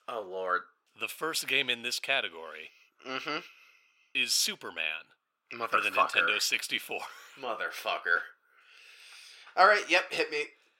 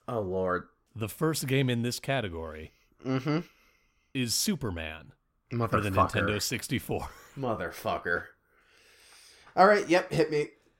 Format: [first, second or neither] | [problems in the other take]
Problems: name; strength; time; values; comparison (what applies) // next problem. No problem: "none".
second | thin; very; fading below 550 Hz